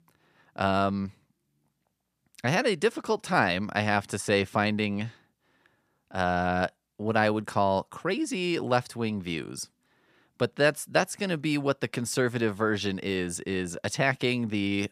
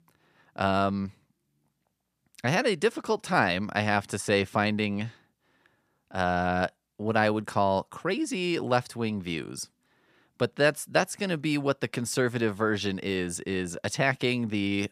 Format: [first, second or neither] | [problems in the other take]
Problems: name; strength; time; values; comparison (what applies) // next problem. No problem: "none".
neither | none